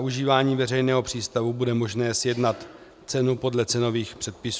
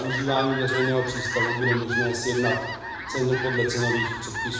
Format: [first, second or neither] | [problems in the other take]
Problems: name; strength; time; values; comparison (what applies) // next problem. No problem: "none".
first | background sound (Fowl); 4 dB below the speech // room echo; dies away in 1 s